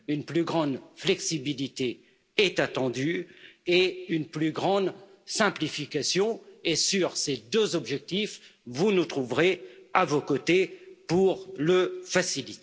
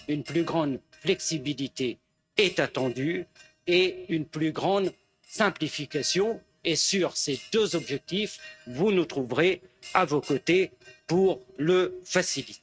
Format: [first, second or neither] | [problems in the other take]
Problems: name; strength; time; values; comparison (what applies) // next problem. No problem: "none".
first | noise reduction (neural mask model RNNoise)